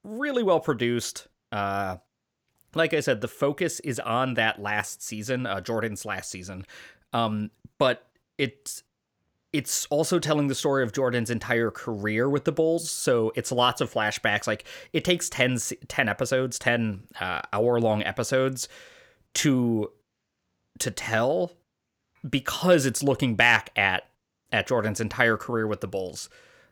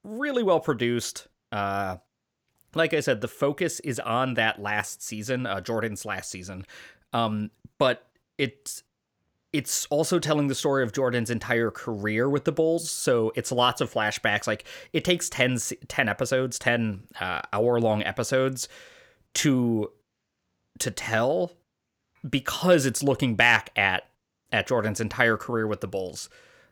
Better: neither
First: none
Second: none

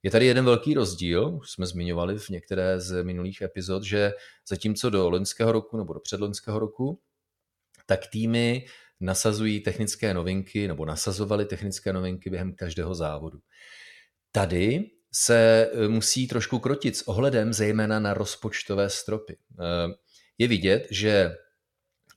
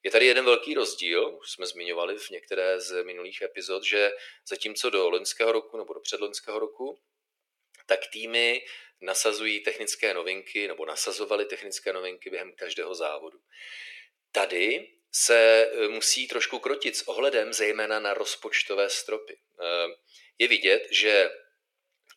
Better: first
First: none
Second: thin; very; fading below 350 Hz

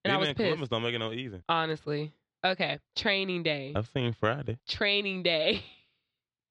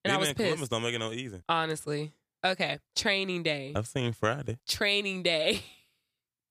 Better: second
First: muffled; very slightly; fading above 4 kHz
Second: none

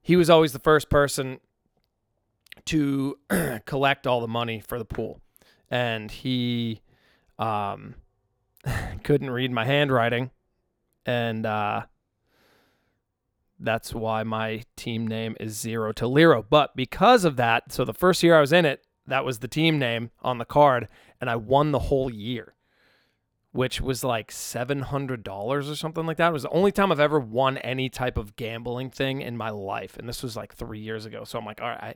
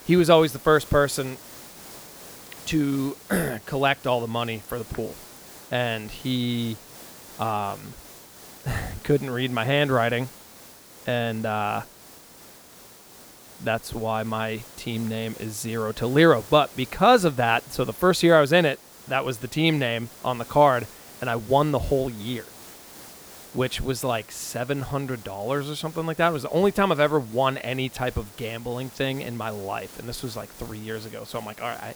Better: first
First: none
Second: hiss; noticeable; throughout; 20 dB below the speech

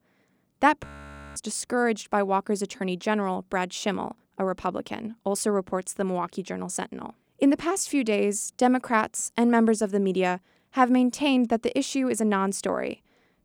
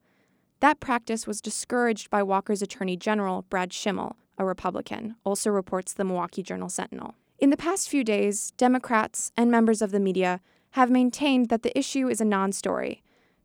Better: second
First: audio freezing; at 1 s for 0.5 s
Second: none

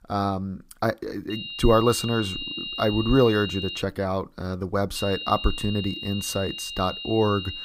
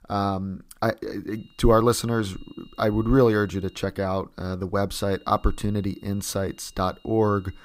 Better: second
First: high-pitched whine; loud; from 1.5 to 4 s and from 5 s on; 3 kHz, 7 dB below the speech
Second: high-pitched whine; faint; from 1.5 to 4 s and from 5 s on; 3 kHz, 30 dB below the speech

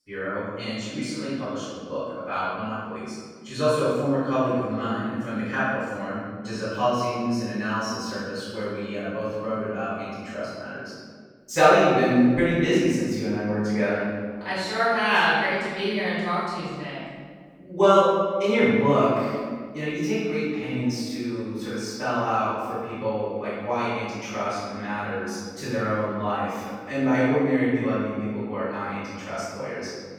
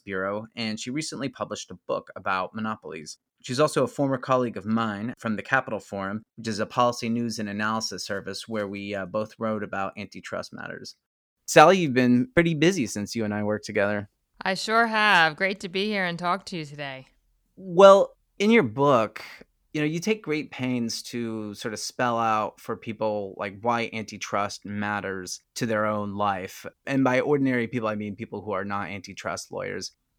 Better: second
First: off-mic speech; far // room echo; strong; dies away in 1.6 s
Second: none

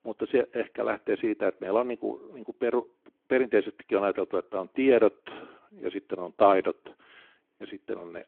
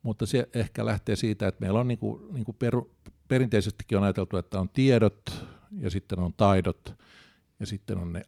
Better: second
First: phone-call audio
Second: none

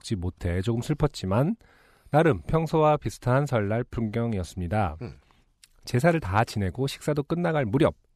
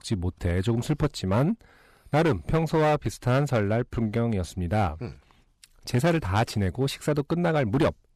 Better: first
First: none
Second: distortion; slight; 7% of the sound clipped

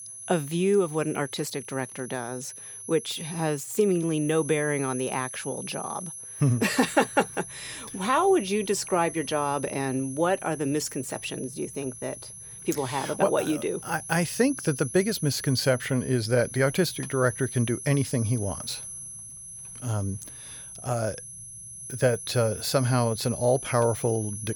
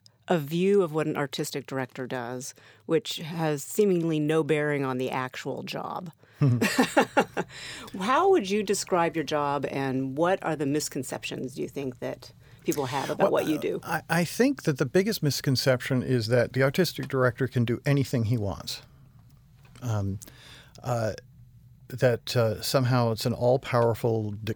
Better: second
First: high-pitched whine; noticeable; throughout; 10.5 kHz, 10 dB below the speech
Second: none

